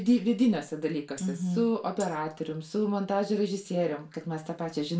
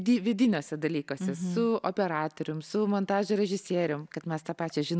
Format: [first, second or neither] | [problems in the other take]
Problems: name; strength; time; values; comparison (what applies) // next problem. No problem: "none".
second | background sound (Tambourine); 19 dB below the speech // room echo; dies away in 0.3 s